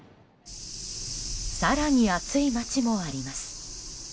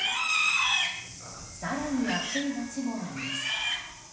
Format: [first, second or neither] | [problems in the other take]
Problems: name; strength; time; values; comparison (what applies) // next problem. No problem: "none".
first | background sound (Livestock, farm animals, working animals); 4 dB above the speech // room echo; dies away in 0.9 s